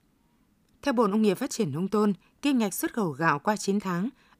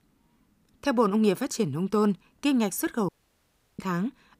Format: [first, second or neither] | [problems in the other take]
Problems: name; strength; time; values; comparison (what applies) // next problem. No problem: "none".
first | audio cutting out; at 3 s for 0.5 s